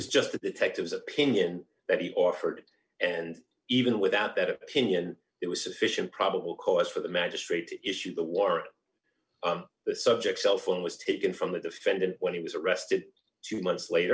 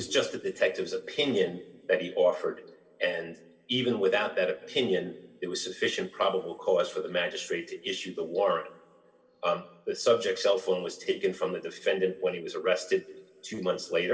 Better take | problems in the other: first | room echo; dies away in 1.6 s

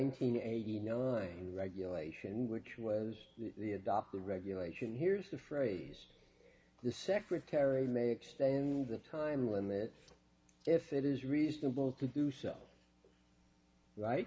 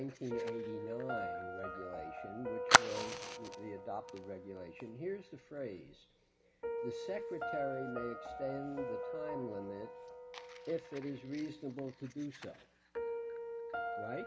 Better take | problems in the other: first | background sound (Fire + Piano); 4 dB above the speech

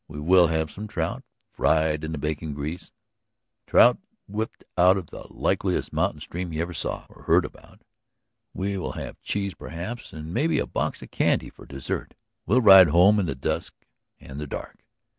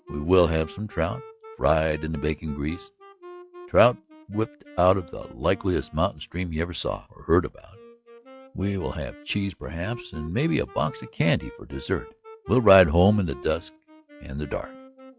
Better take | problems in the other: first | noise reduction (classical method log-MMSE)

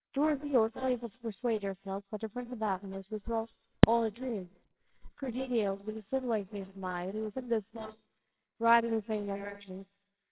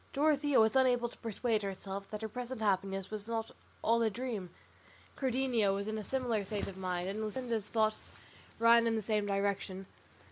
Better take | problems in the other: second | noise reduction (neural separator model SepFormer WHAMR!)

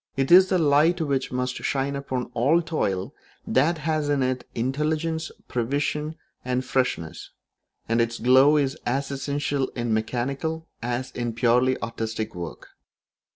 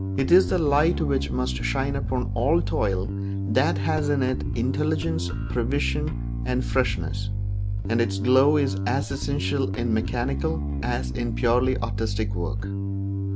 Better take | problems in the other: first | background sound (Bass guitar); 1 dB below the speech

